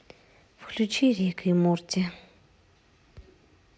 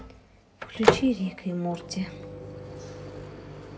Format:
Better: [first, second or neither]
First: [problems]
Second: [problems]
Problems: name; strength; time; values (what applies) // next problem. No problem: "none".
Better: first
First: none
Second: background sound (Microwave oven); 2 dB above the speech // room echo; dies away in 1.1 s